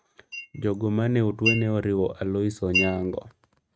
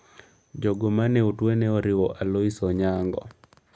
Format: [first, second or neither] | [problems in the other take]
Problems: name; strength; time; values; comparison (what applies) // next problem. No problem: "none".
second | noise reduction (neural mask model RNNoise)